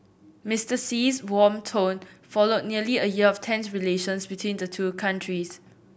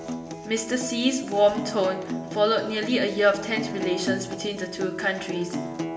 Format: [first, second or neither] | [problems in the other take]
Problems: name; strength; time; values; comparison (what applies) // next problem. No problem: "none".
first | background sound (Acoustic guitar); 8 dB below the speech // room echo; dies away in 1.6 s